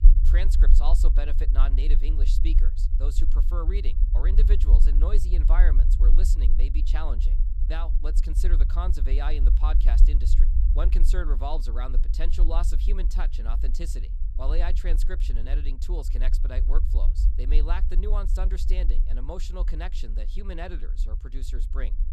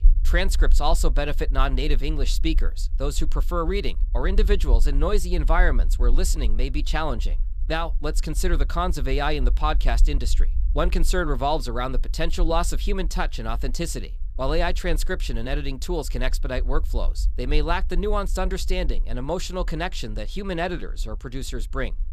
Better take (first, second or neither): second